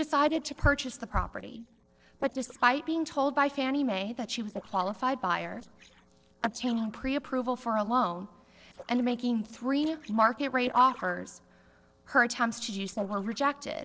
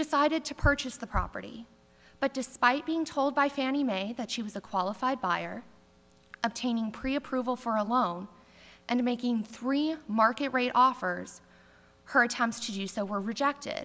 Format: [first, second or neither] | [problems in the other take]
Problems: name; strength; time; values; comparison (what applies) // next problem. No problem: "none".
second | noise reduction (neural separator model SepFormer DNS4)